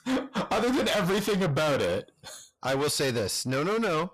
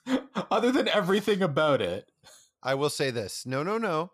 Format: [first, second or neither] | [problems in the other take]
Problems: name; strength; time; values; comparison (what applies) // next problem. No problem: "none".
second | distortion; heavy; 6 dB below the speech